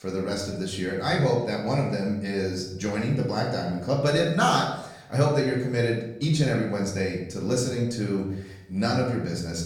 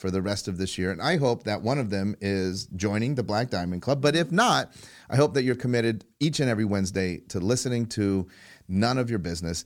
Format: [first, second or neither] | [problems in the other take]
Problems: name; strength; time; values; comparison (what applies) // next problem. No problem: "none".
second | room echo; noticeable; dies away in 0.6 s // off-mic speech; far